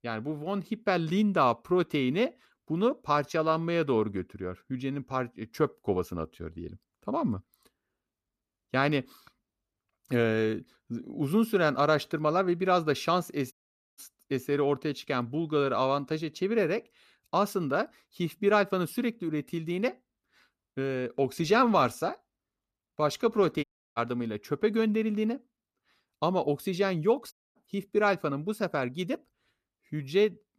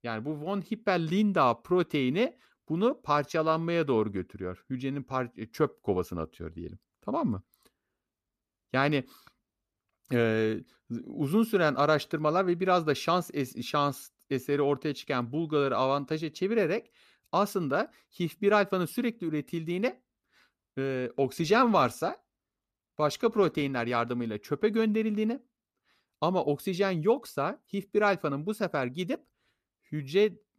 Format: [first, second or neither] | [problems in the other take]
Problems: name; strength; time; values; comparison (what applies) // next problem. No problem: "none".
second | audio cutting out; at 14 s, at 24 s and at 27 s